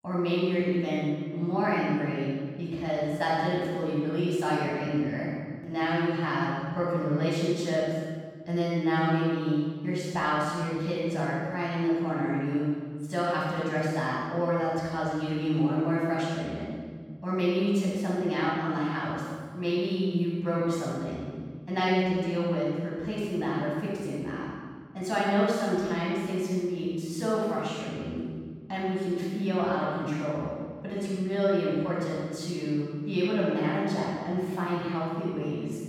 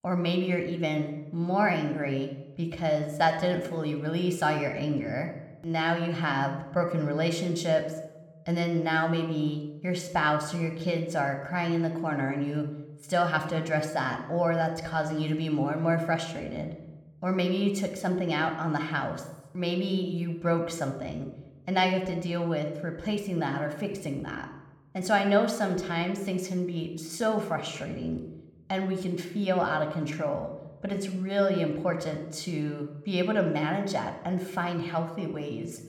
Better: second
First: room echo; strong; dies away in 1.6 s // off-mic speech; far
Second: room echo; slight; dies away in 0.8 s

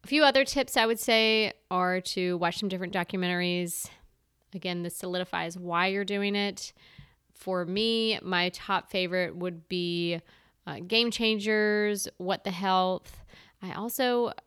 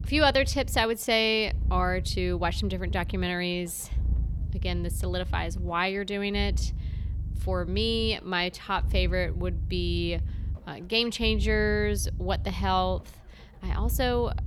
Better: first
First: none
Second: low rumble; faint; throughout; 20 dB below the speech

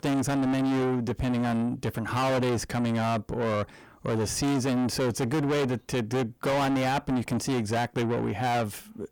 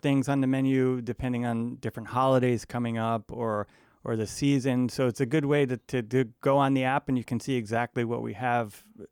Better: second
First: distortion; heavy; 6 dB below the speech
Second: none

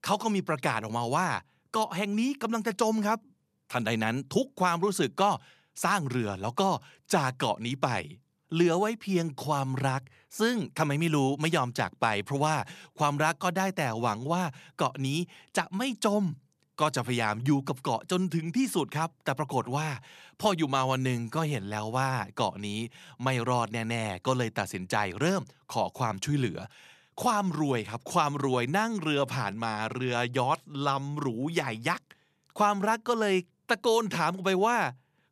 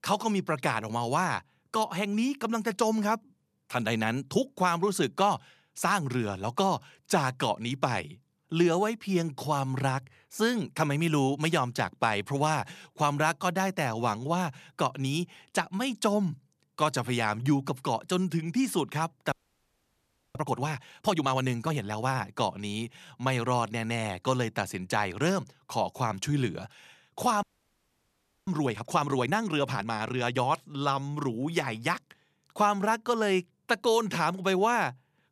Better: first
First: none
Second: audio freezing; at 19 s for 1 s and at 27 s for 1 s

